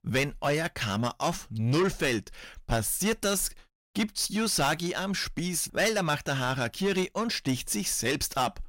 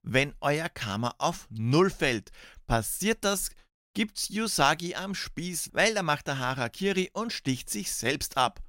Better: second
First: distortion; heavy; 8 dB below the speech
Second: none

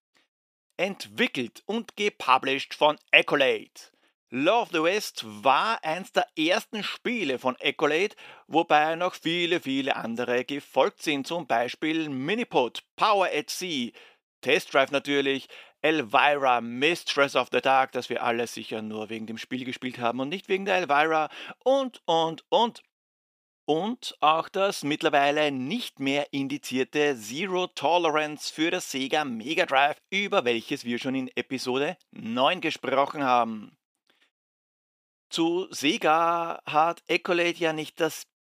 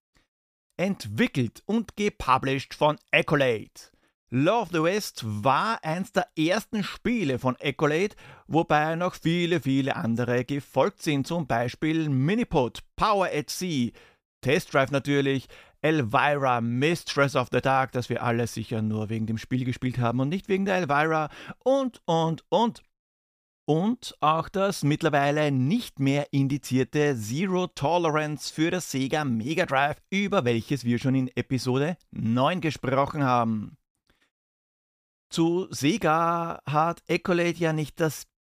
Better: second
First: thin; somewhat; fading below 350 Hz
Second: none

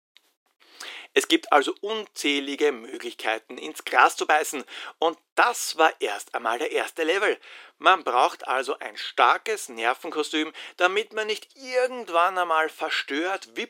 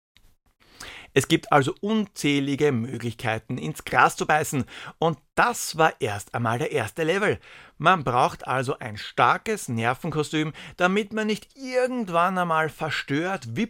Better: second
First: thin; somewhat; fading below 300 Hz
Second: none

